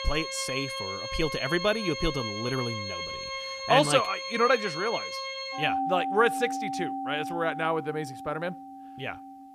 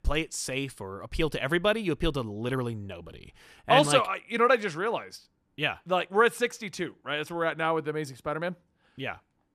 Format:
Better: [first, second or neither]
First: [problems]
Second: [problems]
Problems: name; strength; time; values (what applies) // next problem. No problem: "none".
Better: second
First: background music; loud; throughout; 5 dB below the speech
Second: none